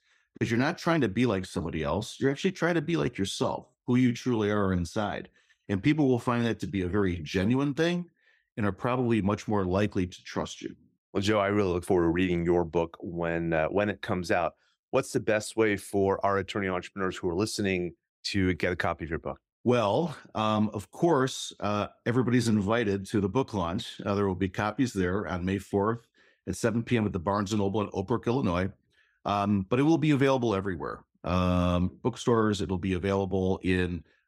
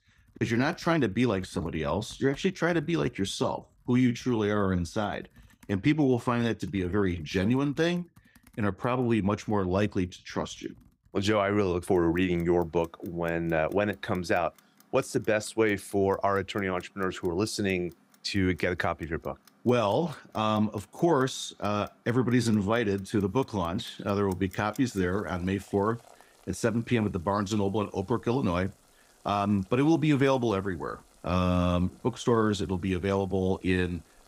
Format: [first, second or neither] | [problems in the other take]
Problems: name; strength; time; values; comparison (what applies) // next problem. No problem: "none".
first | household noises; faint; throughout; 30 dB below the speech